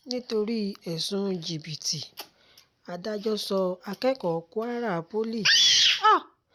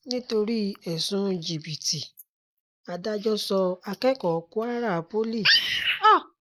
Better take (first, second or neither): first